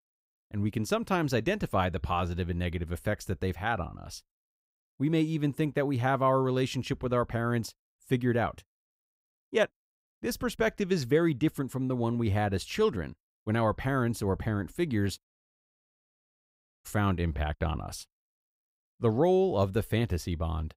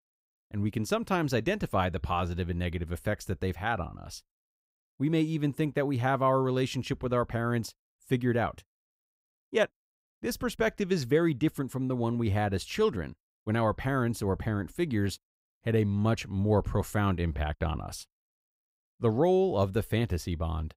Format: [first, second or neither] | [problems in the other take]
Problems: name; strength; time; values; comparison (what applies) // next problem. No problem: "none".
second | audio cutting out; at 15 s for 1.5 s